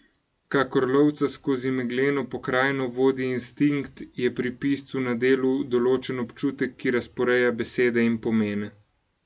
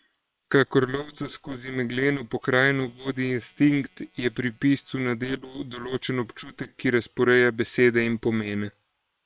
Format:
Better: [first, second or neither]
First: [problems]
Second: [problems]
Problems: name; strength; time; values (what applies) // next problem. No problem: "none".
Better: first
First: none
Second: noise reduction (neural separator model SepFormer WHAM!)